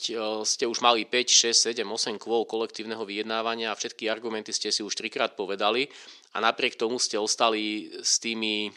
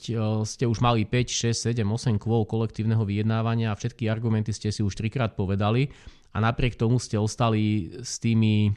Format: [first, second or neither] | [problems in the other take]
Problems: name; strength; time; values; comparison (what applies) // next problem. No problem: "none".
second | thin; very; fading below 350 Hz